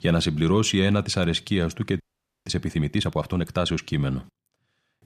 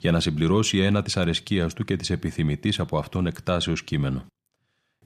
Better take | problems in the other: second | audio freezing; at 2 s

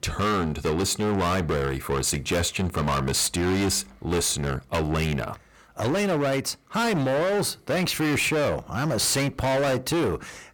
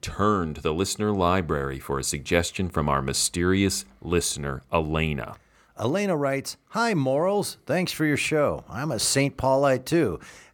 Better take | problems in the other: second | distortion; heavy; 27% of the sound clipped

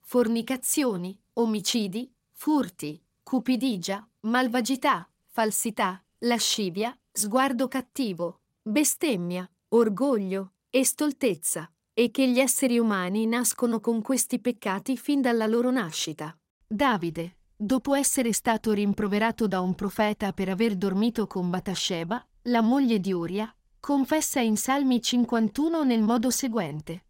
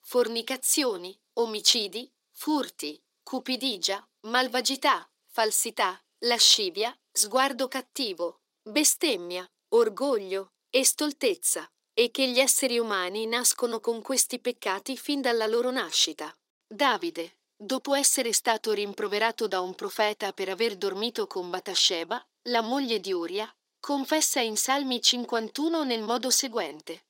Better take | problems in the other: first | thin; somewhat; fading below 350 Hz

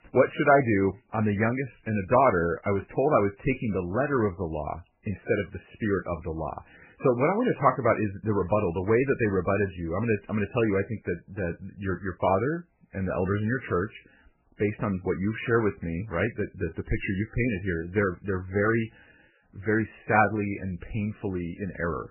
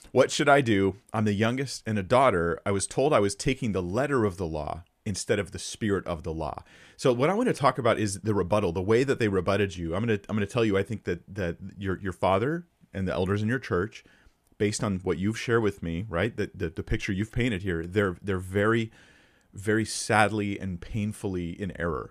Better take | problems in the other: second | garbled, watery; badly; nothing above 2.5 kHz

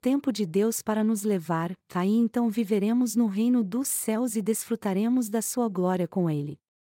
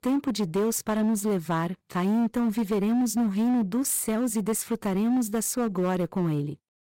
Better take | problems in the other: first | distortion; slight; 16% of the sound clipped

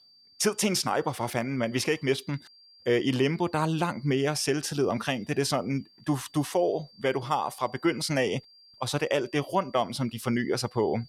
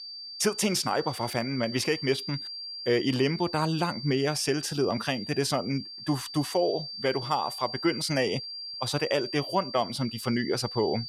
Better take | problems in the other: first | high-pitched whine; loud; throughout; 4.5 kHz, 8 dB below the speech; faint in the first

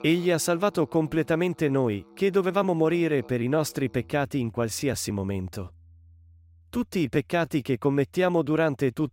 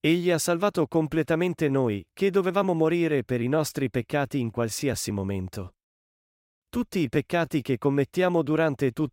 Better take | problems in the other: second | background music; faint; throughout; 25 dB below the speech

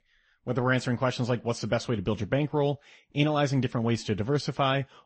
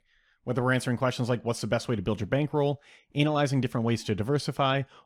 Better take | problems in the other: second | garbled, watery; slightly; nothing above 8 kHz

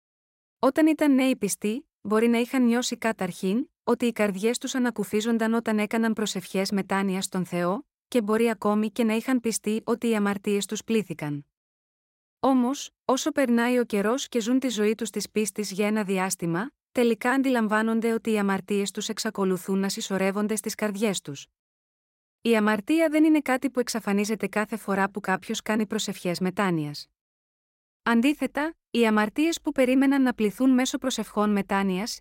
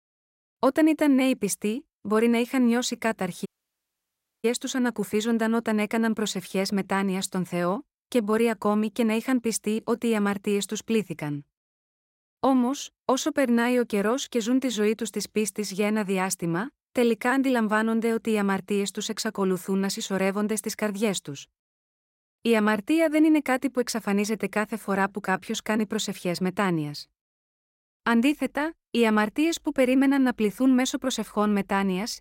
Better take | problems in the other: first | audio cutting out; at 3.5 s for 1 s

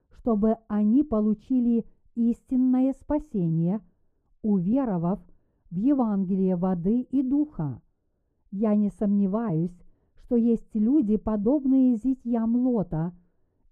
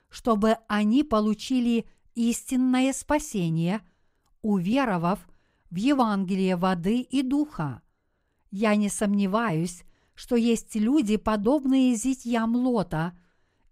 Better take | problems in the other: second | muffled; very; fading above 1.5 kHz

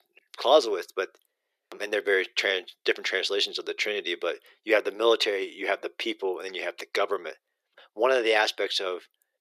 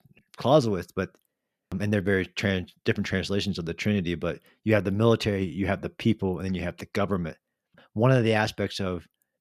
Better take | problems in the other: second | thin; very; fading below 350 Hz

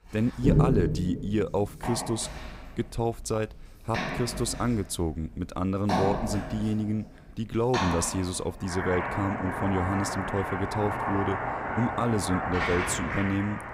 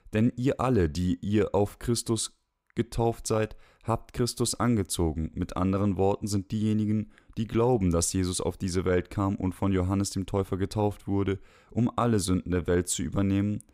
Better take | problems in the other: second | household noises; loud; throughout; 1 dB below the speech

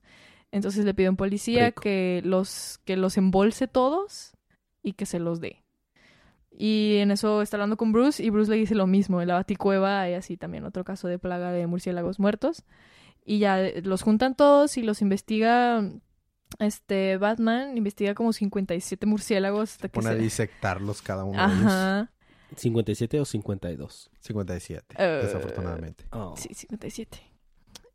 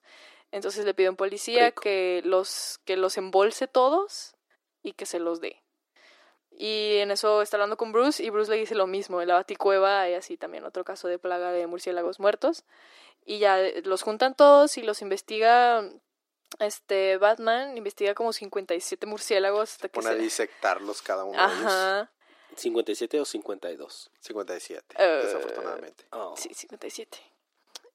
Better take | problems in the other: first | thin; very; fading below 300 Hz

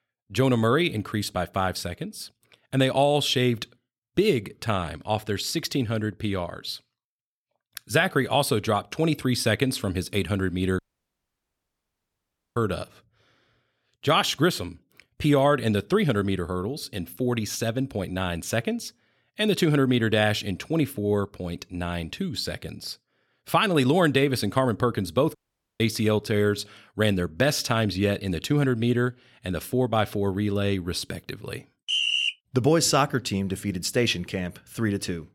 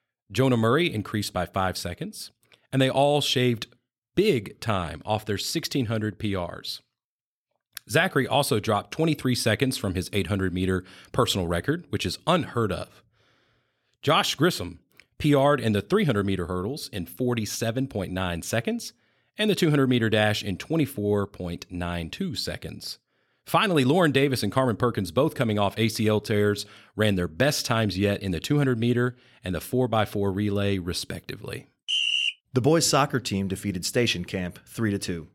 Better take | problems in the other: second | audio cutting out; at 11 s for 2 s and at 25 s

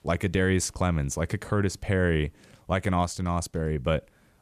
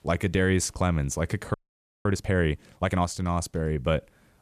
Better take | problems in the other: first | audio freezing; at 1.5 s for 0.5 s

